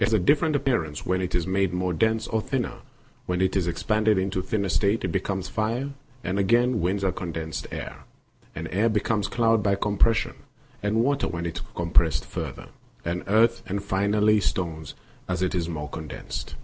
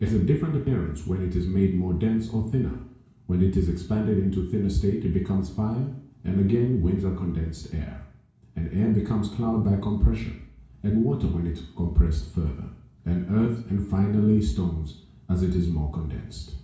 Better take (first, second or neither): first